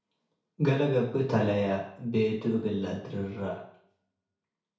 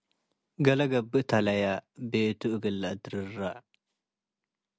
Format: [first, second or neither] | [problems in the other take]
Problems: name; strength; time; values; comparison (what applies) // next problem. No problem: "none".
second | room echo; dies away in 0.6 s